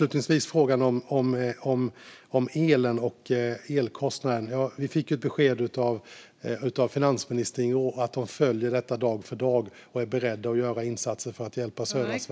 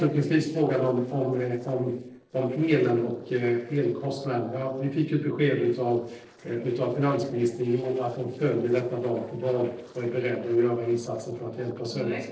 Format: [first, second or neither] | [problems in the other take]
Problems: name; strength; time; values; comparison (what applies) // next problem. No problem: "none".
first | noise reduction (neural separator model SepFormer DNS4)